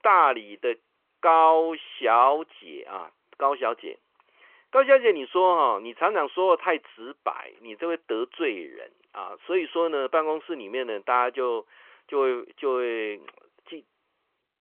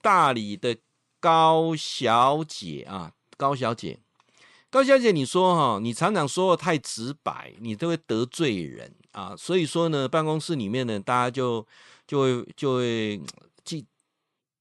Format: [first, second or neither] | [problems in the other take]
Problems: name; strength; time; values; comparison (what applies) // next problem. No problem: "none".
second | phone-call audio